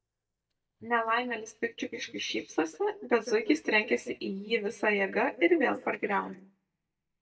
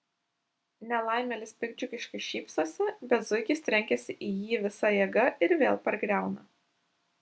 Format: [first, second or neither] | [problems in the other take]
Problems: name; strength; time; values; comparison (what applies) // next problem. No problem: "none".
second | noise reduction (neural mask model DeepFilterNet 3)